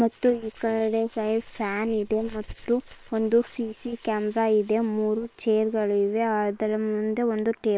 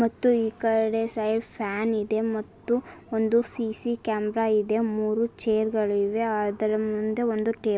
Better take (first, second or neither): second